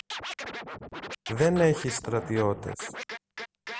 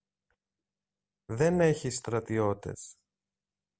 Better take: second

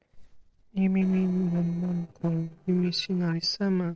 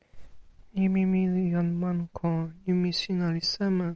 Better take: second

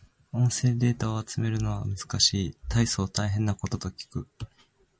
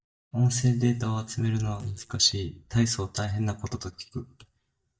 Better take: first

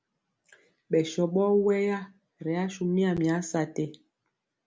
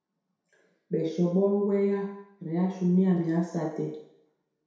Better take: first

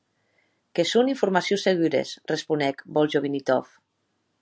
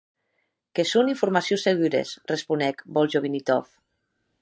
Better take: first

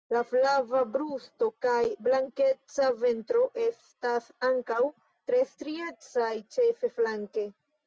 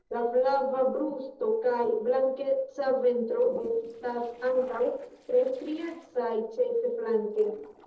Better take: first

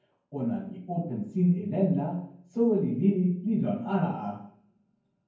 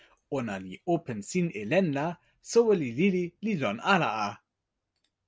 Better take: second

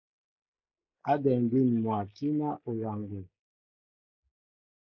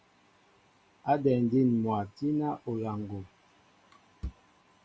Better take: second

